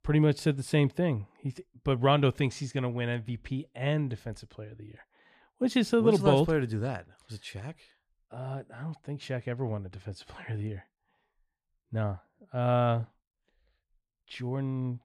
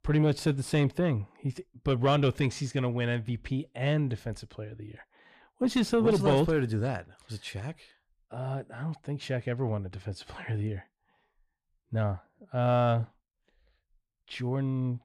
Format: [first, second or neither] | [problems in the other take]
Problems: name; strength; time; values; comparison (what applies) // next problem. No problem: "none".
first | distortion; slight; 10 dB below the speech